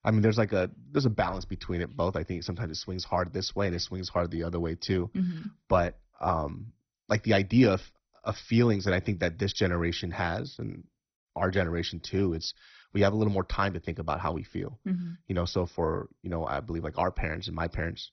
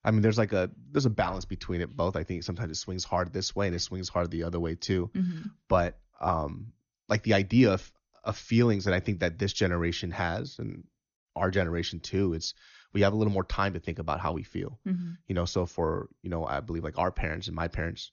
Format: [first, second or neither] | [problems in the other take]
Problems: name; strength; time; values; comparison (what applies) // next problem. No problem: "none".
second | garbled, watery; badly; nothing above 6 kHz; slightly in the second